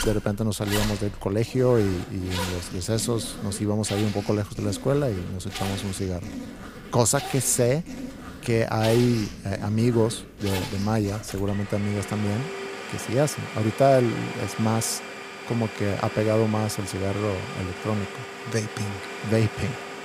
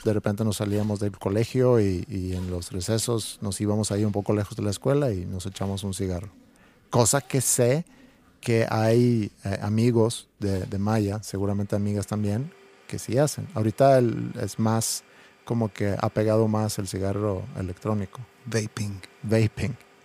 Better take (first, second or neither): second